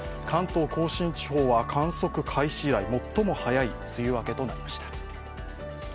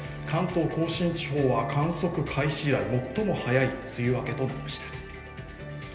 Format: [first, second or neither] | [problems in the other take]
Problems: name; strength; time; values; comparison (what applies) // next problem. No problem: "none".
first | room echo; dies away in 1.4 s